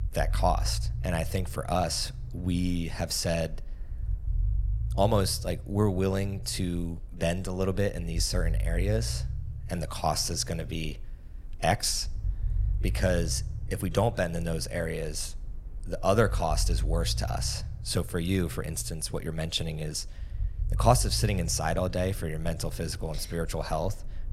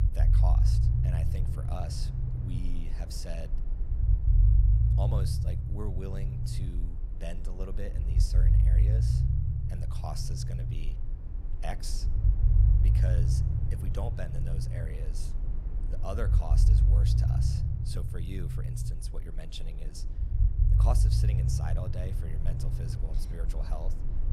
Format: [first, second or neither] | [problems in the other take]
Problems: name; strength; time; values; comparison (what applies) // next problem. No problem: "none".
first | low rumble; loud; throughout; 1 dB below the speech; faint in the first